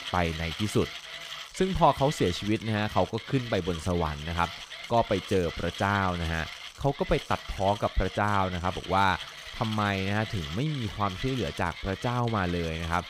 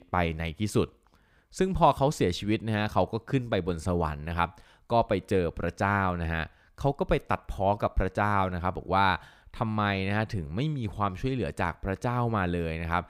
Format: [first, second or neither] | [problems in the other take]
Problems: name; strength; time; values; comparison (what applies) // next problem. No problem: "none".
second | machinery noise; noticeable; throughout; 10 dB below the speech